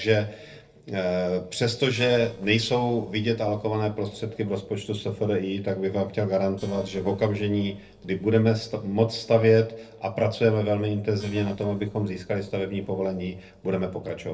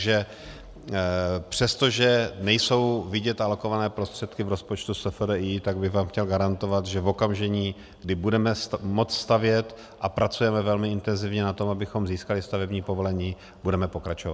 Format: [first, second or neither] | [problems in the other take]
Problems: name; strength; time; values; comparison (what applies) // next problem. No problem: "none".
second | noise reduction (neural separator model SepFormer DNS4)